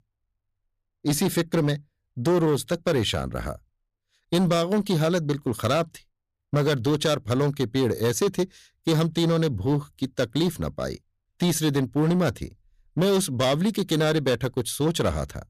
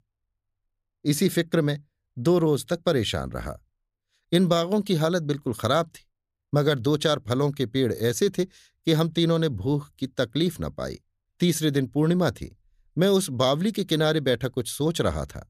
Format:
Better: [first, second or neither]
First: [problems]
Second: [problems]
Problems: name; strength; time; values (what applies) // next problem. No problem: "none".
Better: second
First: distortion; slight; 10% of the sound clipped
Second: none